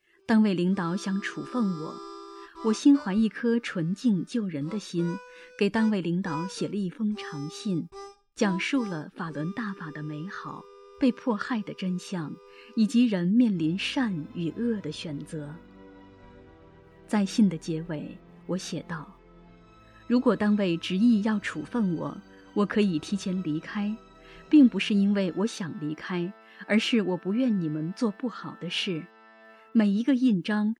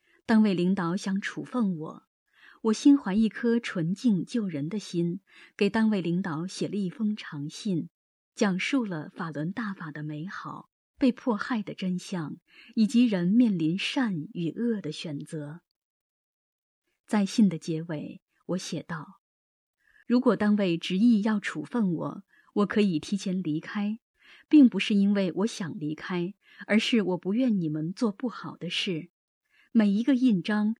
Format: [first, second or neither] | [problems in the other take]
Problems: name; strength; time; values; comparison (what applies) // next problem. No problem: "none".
second | background music; faint; throughout; 20 dB below the speech